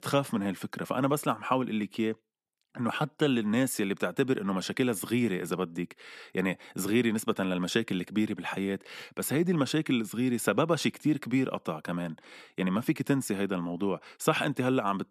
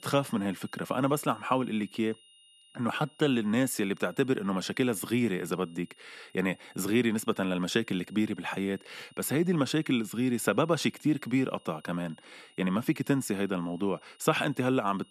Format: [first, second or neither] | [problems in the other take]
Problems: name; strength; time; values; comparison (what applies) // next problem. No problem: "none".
first | high-pitched whine; faint; throughout; 3 kHz, 30 dB below the speech